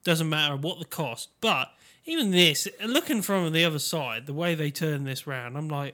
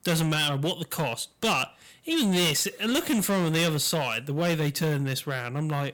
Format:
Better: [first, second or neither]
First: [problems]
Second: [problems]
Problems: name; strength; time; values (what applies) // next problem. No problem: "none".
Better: first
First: none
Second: distortion; heavy; 15% of the sound clipped